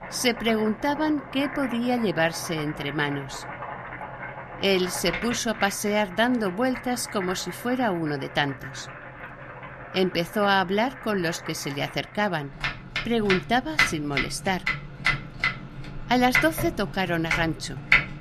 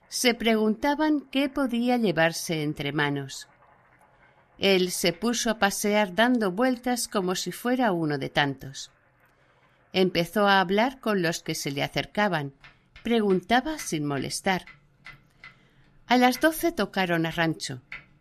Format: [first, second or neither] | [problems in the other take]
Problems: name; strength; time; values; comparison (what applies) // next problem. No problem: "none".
second | household noises; loud; throughout; 5 dB below the speech; faint in the second